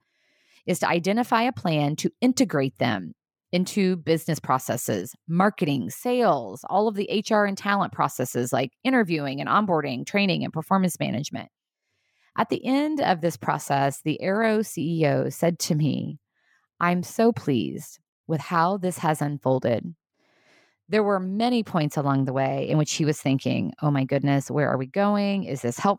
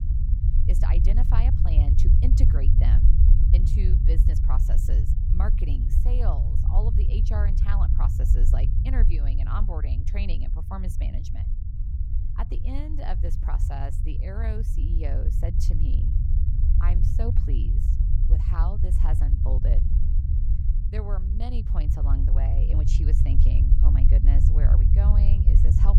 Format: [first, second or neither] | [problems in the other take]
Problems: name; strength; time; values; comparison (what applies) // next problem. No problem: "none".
first | low rumble; loud; throughout; 1 dB below the speech